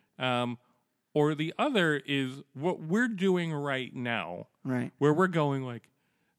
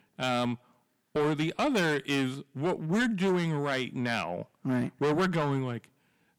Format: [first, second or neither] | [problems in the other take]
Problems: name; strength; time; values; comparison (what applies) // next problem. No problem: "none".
first | distortion; heavy; 7 dB below the speech